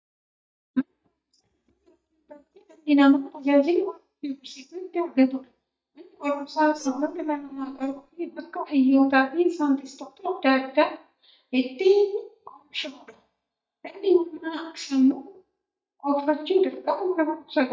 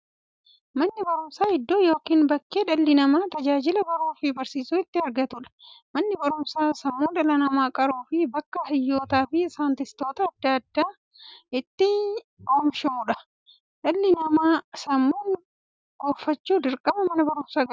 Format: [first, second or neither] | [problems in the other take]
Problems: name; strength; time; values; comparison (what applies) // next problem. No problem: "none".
second | noise reduction (neural mask model DeepFilterNet 3)